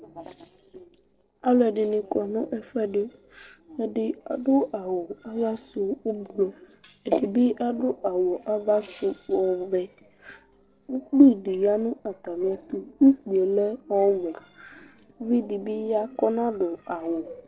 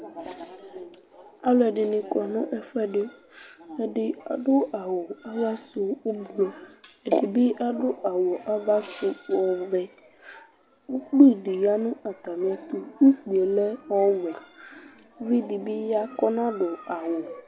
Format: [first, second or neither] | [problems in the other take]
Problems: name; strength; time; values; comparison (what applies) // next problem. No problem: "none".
second | noise reduction (neural separator model SepFormer DNS4)